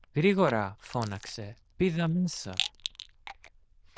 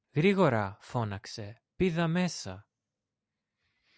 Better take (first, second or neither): second